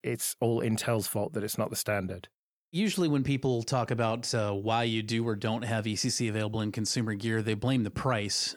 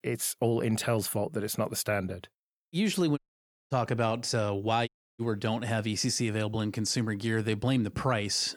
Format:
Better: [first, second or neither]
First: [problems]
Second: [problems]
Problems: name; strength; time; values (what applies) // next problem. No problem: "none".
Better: first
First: none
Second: audio cutting out; at 3 s for 0.5 s and at 5 s